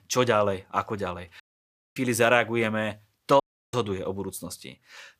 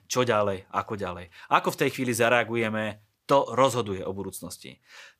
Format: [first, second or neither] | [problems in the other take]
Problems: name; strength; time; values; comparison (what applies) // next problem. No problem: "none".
second | audio cutting out; at 1.5 s for 0.5 s and at 3.5 s